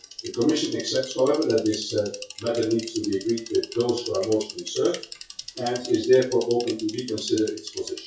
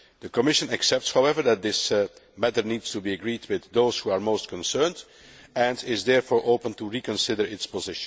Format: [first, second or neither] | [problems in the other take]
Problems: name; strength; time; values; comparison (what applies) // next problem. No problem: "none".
second | noise reduction (classical method WPE with log-MMSE)